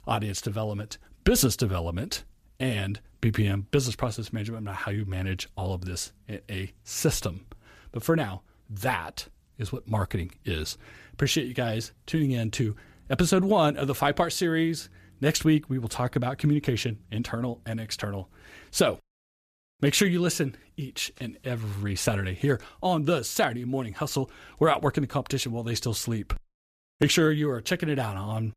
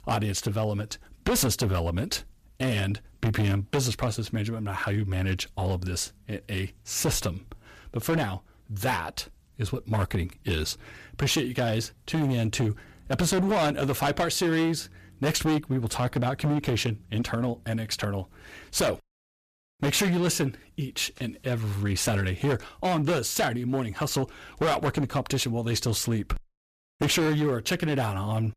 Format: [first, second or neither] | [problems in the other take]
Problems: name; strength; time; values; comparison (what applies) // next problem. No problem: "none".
first | distortion; heavy; 11% of the sound clipped